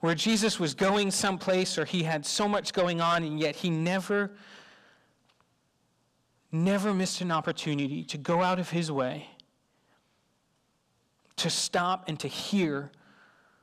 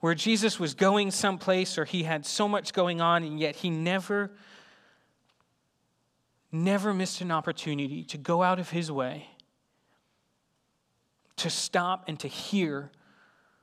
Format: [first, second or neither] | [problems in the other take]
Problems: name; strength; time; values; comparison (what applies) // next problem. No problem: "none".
second | distortion; slight; 10 dB below the speech